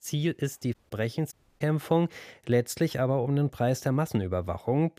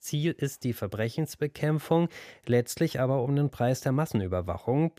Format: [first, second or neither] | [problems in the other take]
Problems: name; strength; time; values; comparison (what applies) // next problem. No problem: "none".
second | audio cutting out; at 0.5 s and at 1.5 s